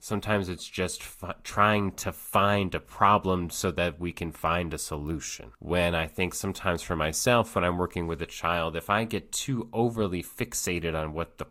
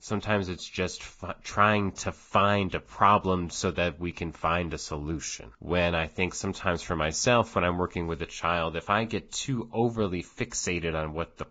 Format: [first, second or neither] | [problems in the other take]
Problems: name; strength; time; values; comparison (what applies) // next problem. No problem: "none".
first | garbled, watery; badly; nothing above 7.5 kHz; slightly in the first